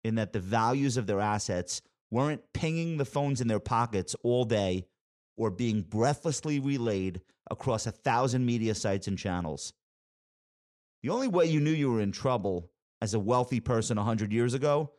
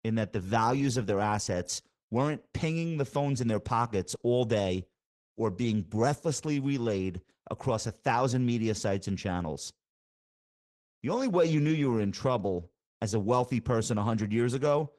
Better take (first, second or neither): first